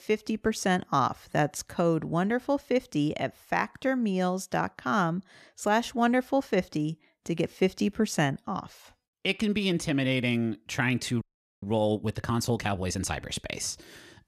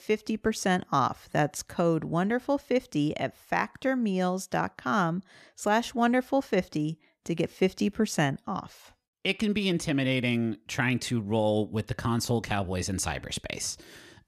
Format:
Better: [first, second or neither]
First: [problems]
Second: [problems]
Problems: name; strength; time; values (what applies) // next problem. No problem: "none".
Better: second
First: audio freezing; at 11 s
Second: none